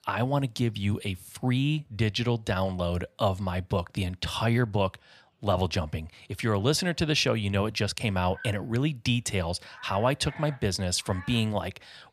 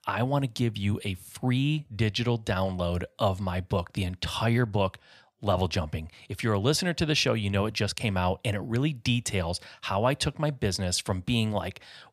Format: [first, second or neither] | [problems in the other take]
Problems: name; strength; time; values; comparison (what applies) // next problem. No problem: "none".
second | animal sounds; noticeable; throughout; 20 dB below the speech